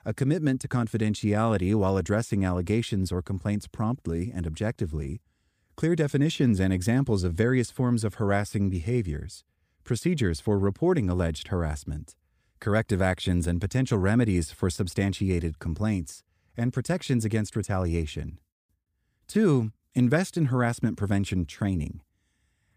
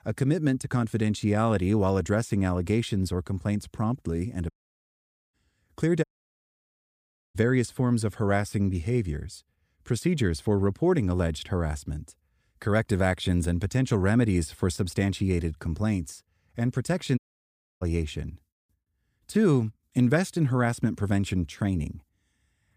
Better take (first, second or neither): first